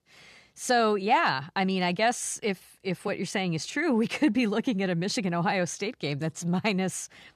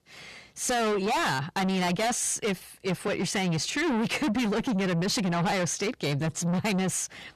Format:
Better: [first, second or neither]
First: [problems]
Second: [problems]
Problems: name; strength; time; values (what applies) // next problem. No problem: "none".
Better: first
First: none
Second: distortion; heavy; 6 dB below the speech